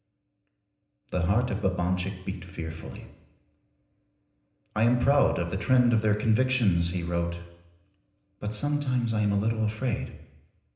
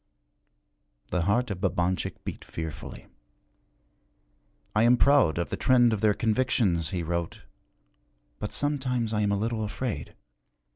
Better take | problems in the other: second | room echo; dies away in 0.9 s

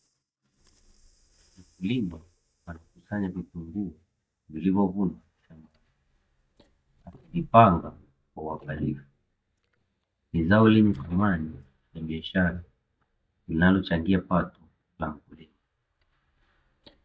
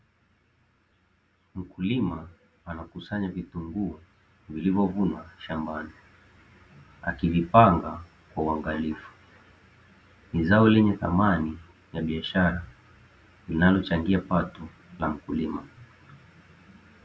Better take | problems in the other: second | noise reduction (neural mask model DeepFilterNet 3)

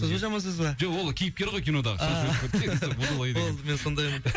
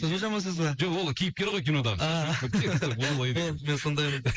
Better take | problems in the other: first | noise reduction (neural mask model Resemble Enhance denoiser)

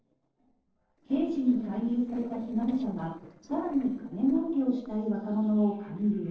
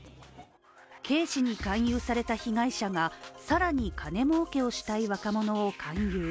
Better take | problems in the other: second | noise reduction (neural separator model SepFormer DNS4)

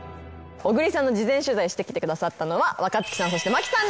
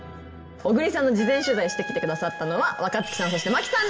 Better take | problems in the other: first | background sound (Trumpet); 13 dB below the speech // room echo; dies away in 1 s

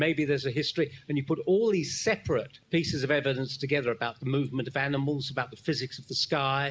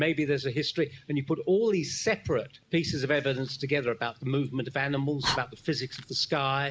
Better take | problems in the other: first | background sound (Fire); 15 dB below the speech

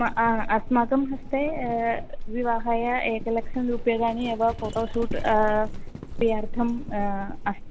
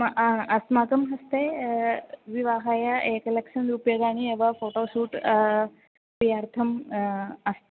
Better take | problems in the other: second | background sound (Livestock, farm animals, working animals); 5 dB below the speech

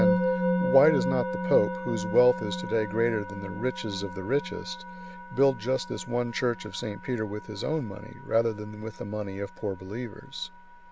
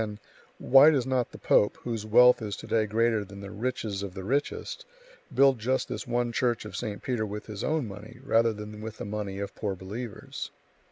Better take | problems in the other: second | background sound (Musical instrument); 5 dB below the speech

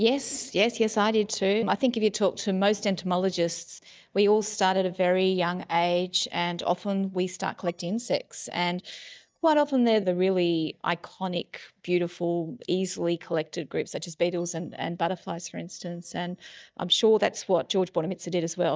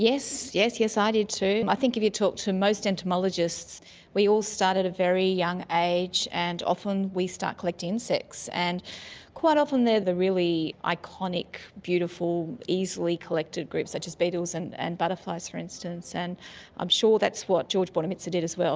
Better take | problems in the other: second | noise reduction (neural mask model DeepFilterNet 3)

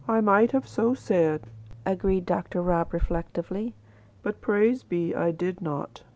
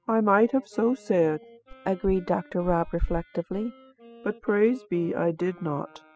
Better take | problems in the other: first | noise reduction (classical method spectral subtraction)

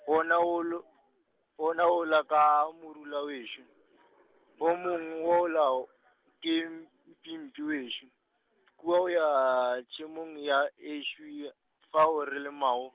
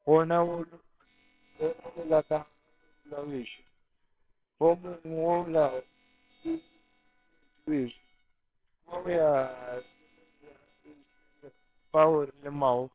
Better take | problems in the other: first | noise reduction (neural separator model SepFormer WHAMR!)

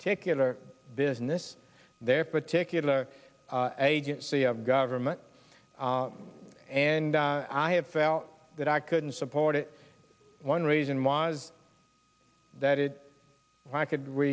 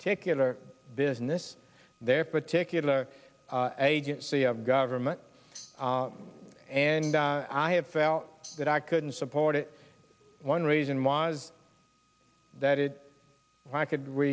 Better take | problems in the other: first | background sound (Tambourine); 19 dB below the speech

